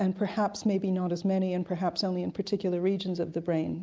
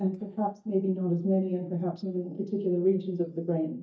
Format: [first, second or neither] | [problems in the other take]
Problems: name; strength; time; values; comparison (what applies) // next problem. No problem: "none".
first | noise reduction (neural mask model DeepFilterNet 3)